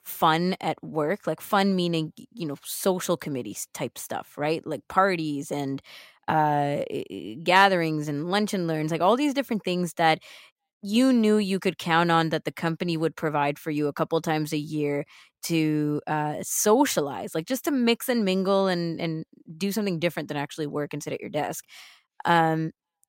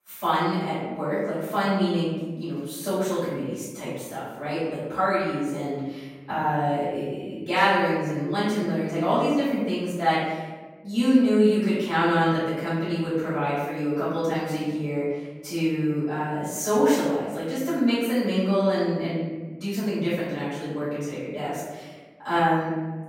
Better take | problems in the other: first | off-mic speech; far // room echo; strong; dies away in 1.2 s

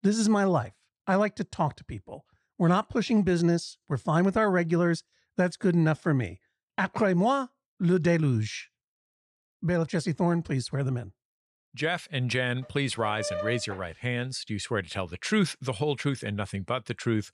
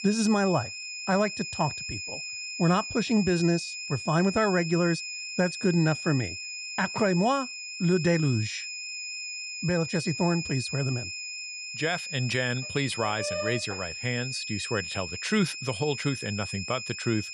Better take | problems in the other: first | high-pitched whine; loud; throughout; 2.5 kHz, 6 dB below the speech

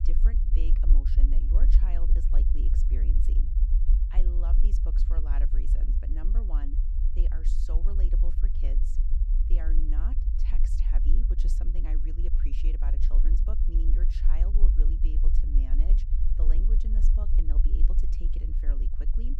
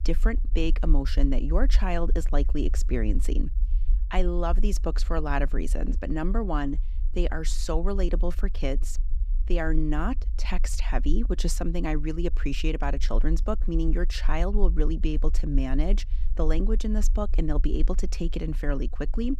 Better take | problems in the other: second | low rumble; loud; throughout; 1 dB below the speech; faint in the second

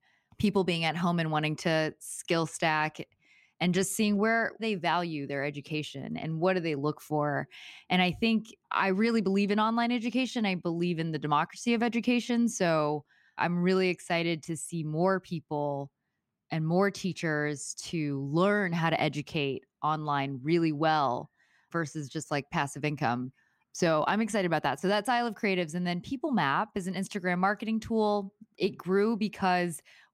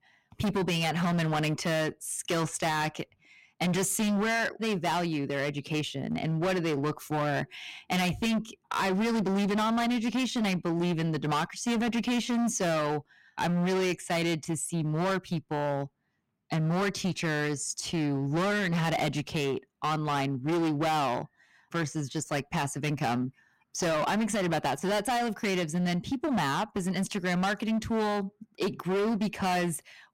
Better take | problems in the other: first | distortion; heavy; 23% of the sound clipped

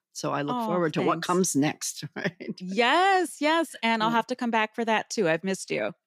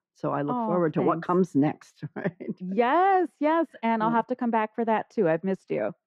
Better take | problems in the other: first | muffled; very; fading above 3 kHz

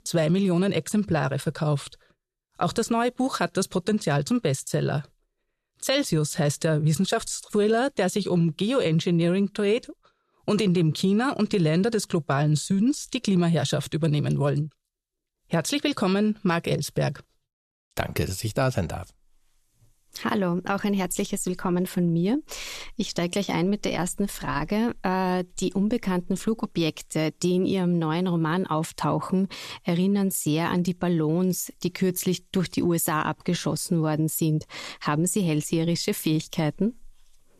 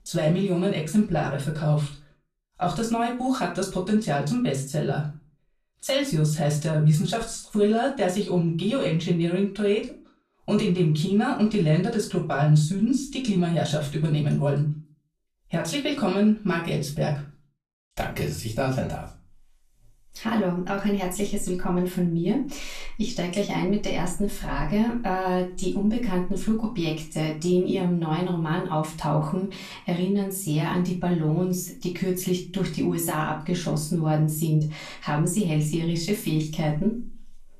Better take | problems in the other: first | off-mic speech; far // room echo; slight; dies away in 0.3 s

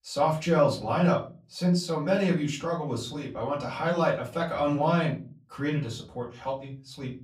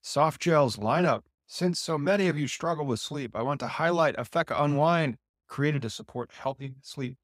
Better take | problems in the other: second | off-mic speech; far // room echo; very slight; dies away in 0.3 s

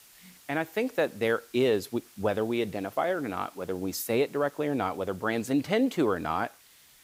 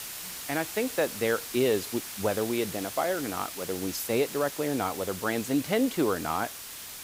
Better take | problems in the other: first | hiss; loud; throughout; 8 dB below the speech; faint in the first

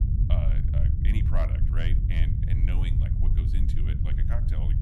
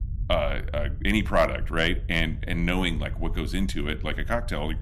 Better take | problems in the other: second | low rumble; loud; throughout; as loud as the speech; faint in the second

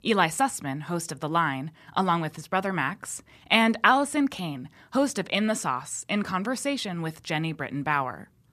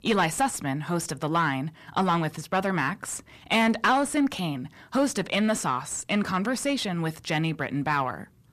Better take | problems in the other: first | distortion; slight; 10 dB below the speech

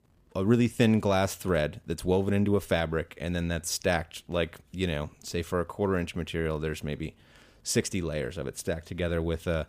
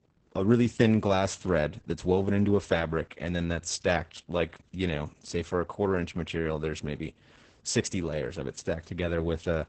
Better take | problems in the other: first | garbled, watery; badly; nothing above 8 kHz

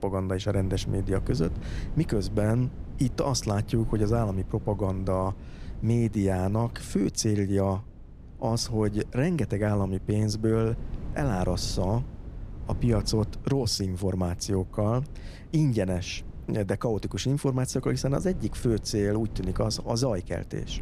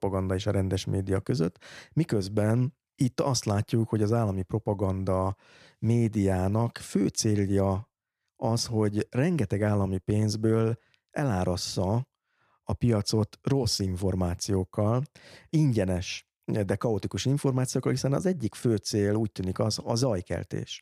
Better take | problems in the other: second | wind noise on the microphone; occasional gusts; 20 dB below the speech

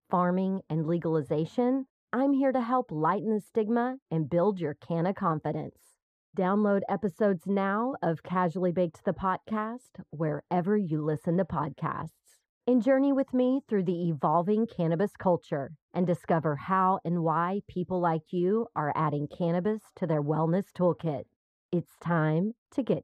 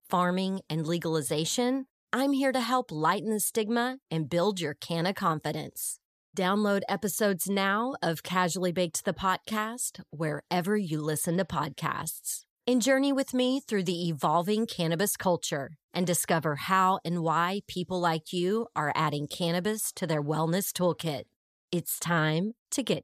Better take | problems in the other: second | muffled; very; fading above 2.5 kHz

